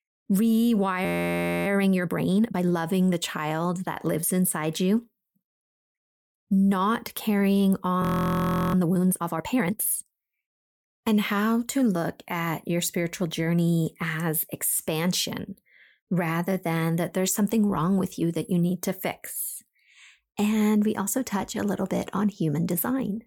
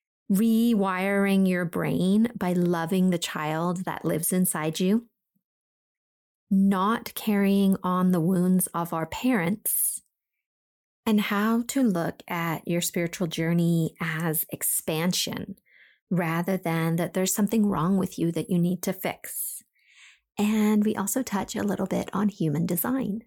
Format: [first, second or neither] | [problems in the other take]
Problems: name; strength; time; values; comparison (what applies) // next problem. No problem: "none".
second | audio freezing; at 1 s for 0.5 s and at 8 s for 0.5 s